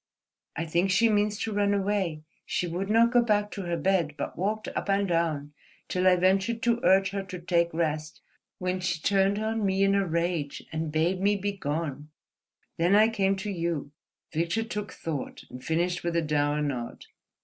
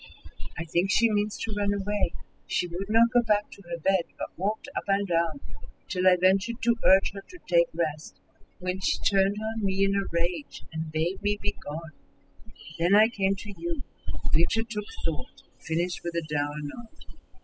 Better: first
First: none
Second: noise reduction (classical method spectral subtraction)

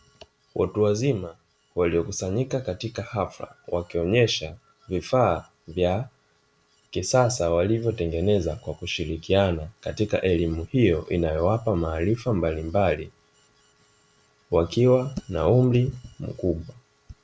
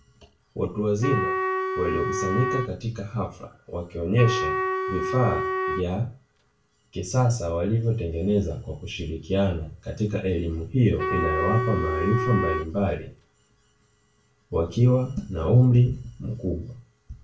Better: first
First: none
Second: background sound (Wind instrument, woodwind instrument); 3 dB below the speech // room echo; dies away in 0.3 s

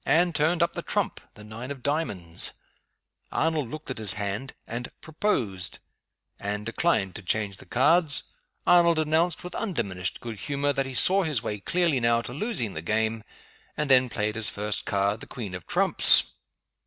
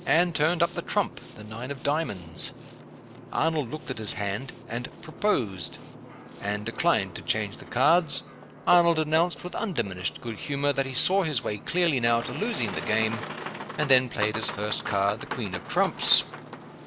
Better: first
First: none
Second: background sound (Boat, Water vehicle); 12 dB below the speech

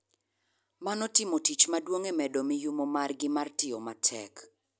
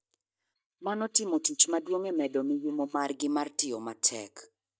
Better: first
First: none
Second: noise reduction (neural mask model DeepFilterNet 3)

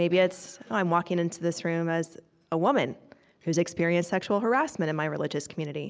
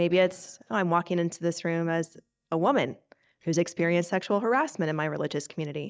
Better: first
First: none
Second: noise reduction (neural mask model DeepFilterNet 3)

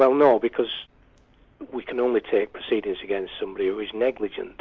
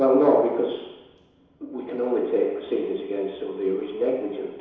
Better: first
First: none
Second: room echo; dies away in 1 s

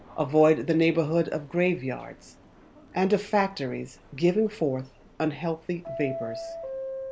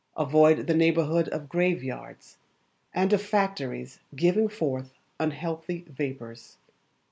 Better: second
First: background sound (Subway, metro, underground); 14 dB below the speech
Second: none

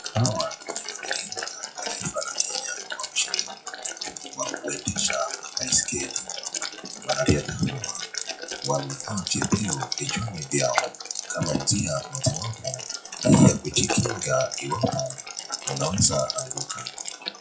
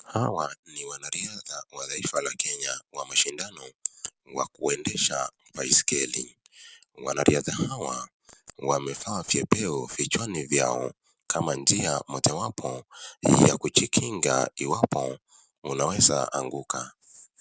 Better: second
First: noise reduction (classical method WPE with log-MMSE)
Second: none

